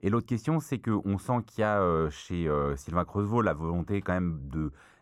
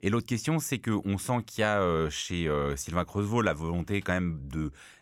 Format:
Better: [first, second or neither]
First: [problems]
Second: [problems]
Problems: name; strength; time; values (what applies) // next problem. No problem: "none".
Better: second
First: muffled; slightly; fading above 1.5 kHz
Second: none